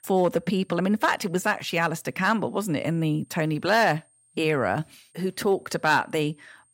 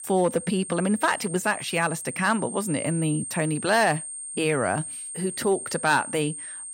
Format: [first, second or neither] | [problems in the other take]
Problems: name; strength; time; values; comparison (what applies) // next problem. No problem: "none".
first | high-pitched whine; loud; throughout; 8.5 kHz, 8 dB below the speech; faint in the first